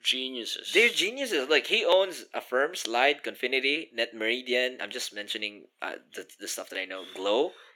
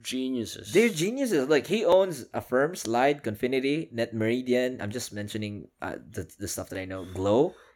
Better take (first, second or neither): second